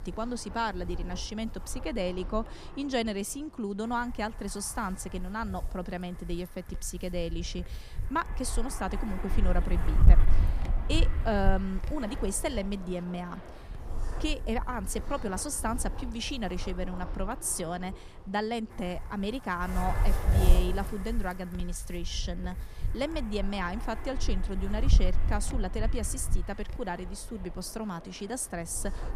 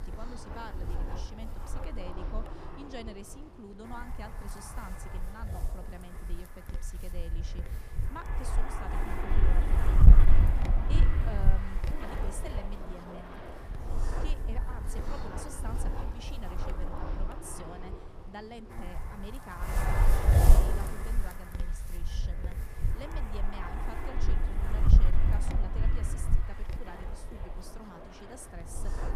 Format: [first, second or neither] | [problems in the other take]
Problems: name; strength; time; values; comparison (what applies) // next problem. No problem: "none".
first | wind noise on the microphone; heavy; 5 dB above the speech; occasional gusts in the first